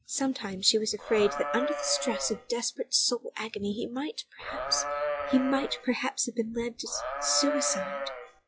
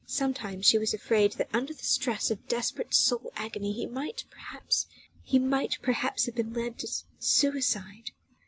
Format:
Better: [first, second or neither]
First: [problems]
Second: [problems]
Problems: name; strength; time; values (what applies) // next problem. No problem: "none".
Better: second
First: noise reduction (classical method log-MMSE)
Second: none